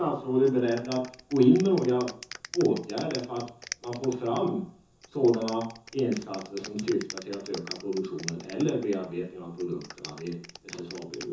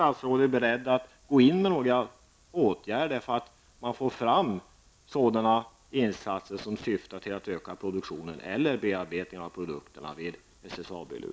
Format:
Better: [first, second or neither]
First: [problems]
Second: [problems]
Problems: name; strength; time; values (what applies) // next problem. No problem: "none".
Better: second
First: background sound (Clapping); 16 dB below the speech // room echo; dies away in 0.6 s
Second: none